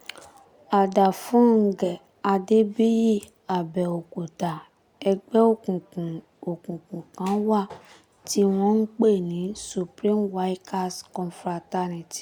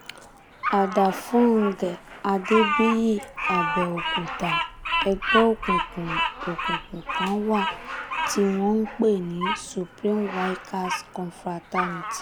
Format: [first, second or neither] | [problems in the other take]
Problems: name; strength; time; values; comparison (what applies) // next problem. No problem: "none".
first | background sound (Bird vocalization, bird call, bird song); 4 dB below the speech